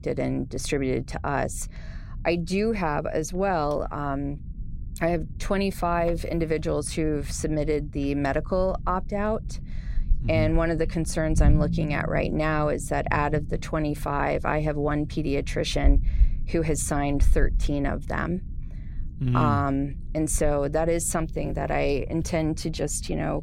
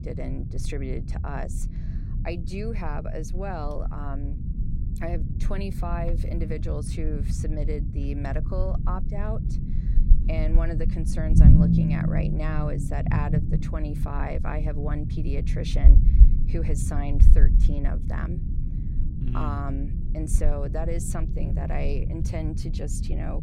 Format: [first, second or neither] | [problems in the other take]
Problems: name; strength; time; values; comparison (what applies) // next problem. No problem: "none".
first | low rumble; loud; throughout; 4 dB below the speech; faint in the first